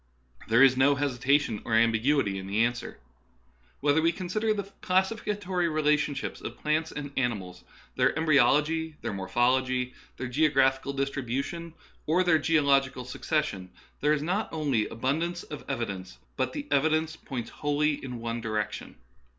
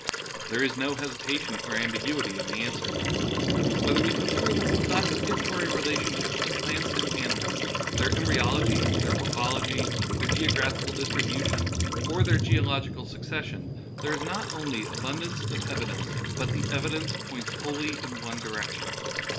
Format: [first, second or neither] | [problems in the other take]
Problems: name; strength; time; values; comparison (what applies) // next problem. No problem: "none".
first | background sound (Thunder + Liquid); 5 dB above the speech